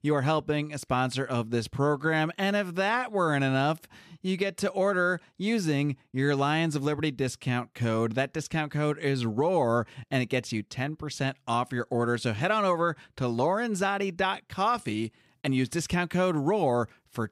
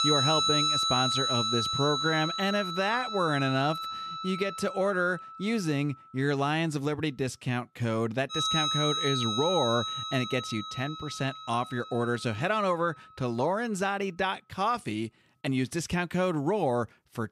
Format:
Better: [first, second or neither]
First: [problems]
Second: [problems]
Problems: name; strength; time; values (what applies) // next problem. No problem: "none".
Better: first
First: none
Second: background music; very loud; throughout; as loud as the speech